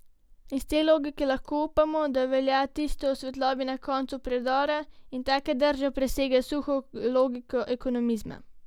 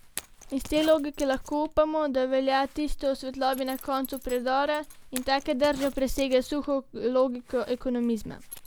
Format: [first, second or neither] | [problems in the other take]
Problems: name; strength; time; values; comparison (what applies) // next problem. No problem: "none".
first | background sound (Zipper (clothing)); 20 dB below the speech